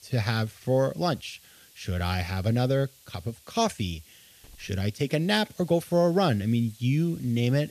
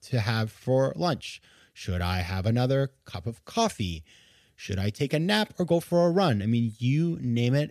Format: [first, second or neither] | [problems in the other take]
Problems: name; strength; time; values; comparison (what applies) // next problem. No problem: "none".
second | hiss; faint; throughout; 25 dB below the speech